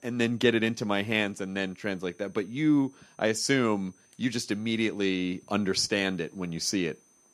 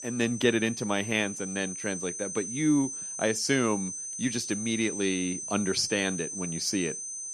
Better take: first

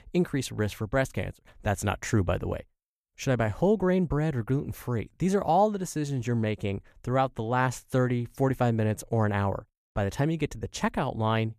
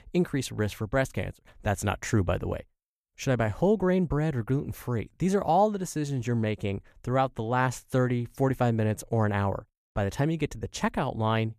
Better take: neither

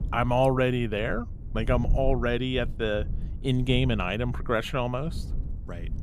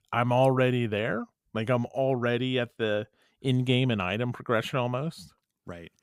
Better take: second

